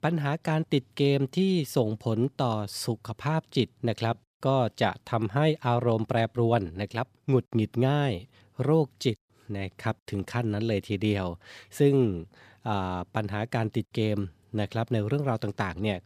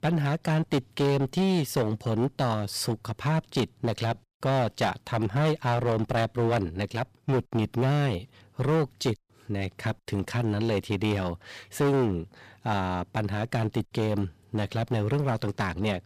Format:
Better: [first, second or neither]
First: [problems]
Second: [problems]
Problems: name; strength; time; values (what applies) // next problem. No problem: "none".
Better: first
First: none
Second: distortion; heavy; 10% of the sound clipped